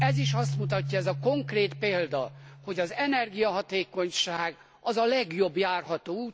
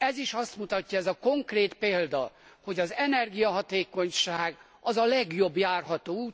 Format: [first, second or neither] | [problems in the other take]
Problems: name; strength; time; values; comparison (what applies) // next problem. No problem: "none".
second | background sound (Keyboard (musical)); 7 dB below the speech